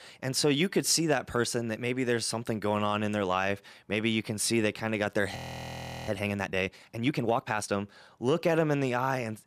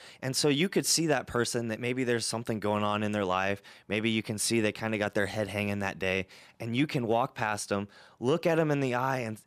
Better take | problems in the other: second | audio freezing; at 5.5 s for 0.5 s

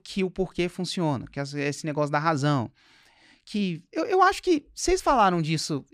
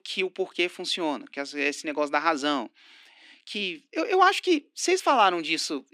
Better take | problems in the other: first | thin; very slightly; fading below 250 Hz

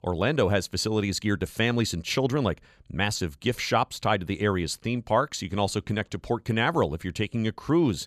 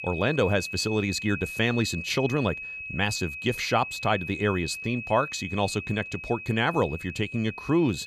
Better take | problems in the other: first | high-pitched whine; loud; throughout; 2.5 kHz, 8 dB below the speech

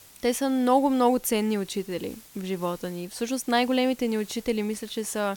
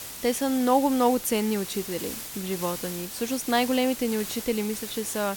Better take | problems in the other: first | hiss; loud; throughout; 8 dB below the speech; faint in the first

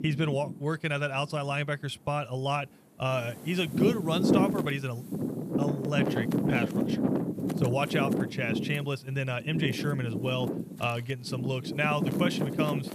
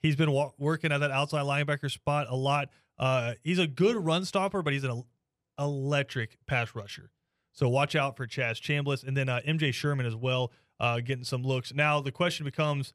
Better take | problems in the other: second | wind noise on the microphone; heavy; 3 dB below the speech

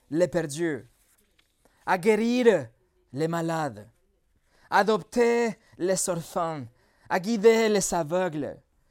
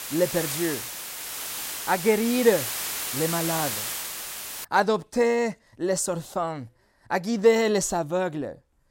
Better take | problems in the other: first | hiss; loud; until 4.5 s; 5 dB below the speech

